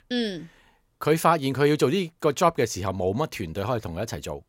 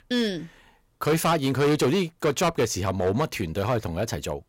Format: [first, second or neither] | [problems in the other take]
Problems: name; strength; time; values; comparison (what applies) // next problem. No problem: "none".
first | distortion; heavy; 9% of the sound clipped